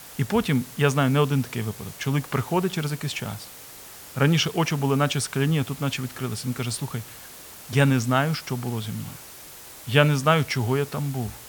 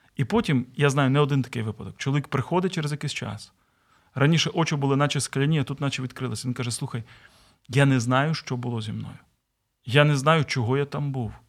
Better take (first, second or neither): second